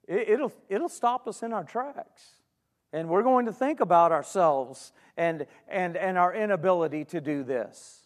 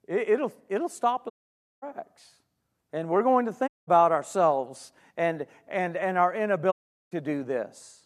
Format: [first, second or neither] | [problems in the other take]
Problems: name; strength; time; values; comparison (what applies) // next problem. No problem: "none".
first | audio cutting out; at 1.5 s for 0.5 s, at 3.5 s and at 6.5 s